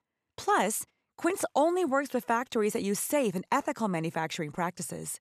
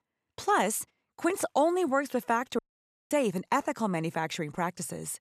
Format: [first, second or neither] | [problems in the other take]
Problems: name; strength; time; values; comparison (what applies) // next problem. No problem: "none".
first | audio cutting out; at 2.5 s for 0.5 s